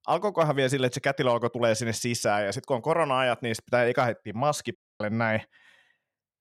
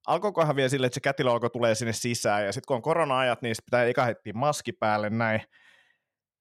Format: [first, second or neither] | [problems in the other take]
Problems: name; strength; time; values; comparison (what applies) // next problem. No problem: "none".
second | audio cutting out; at 5 s